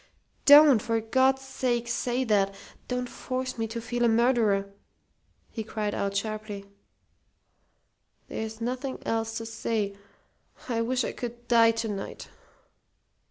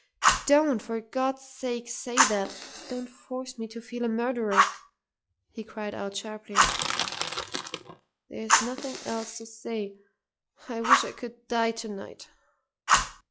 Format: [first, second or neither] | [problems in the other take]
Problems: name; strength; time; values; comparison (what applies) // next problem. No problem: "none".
first | noise reduction (classical method log-MMSE)